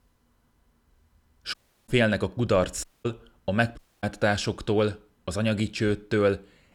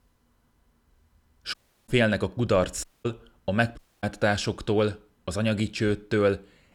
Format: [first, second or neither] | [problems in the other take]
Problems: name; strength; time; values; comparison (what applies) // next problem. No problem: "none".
neither | audio cutting out; at 1.5 s, at 3 s and at 4 s; the same in both